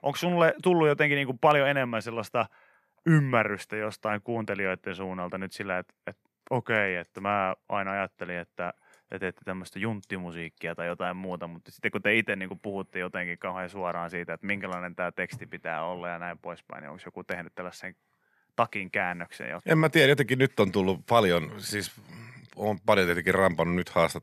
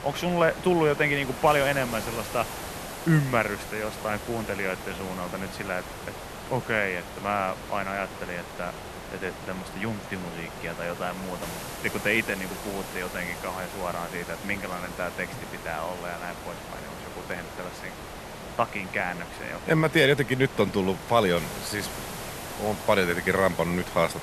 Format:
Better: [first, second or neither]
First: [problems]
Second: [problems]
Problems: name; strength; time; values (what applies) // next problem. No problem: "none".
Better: first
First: none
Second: hiss; loud; throughout; 10 dB below the speech